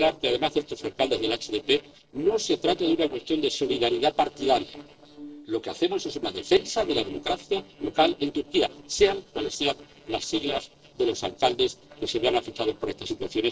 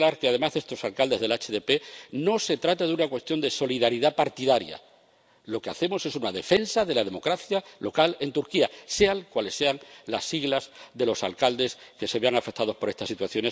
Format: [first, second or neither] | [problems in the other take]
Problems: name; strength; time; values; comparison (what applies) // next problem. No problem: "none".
second | noise reduction (neural separator model SepFormer DNS4)